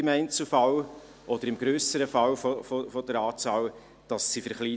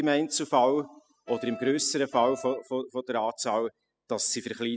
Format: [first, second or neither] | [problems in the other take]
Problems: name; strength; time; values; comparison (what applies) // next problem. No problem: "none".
first | noise reduction (classical method spectral subtraction)